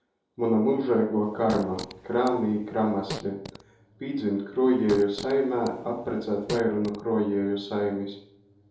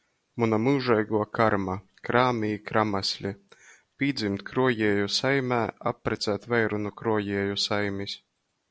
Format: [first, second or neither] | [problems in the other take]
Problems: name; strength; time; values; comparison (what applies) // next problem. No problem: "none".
second | background sound (Fart); 15 dB below the speech // room echo; dies away in 2.7 s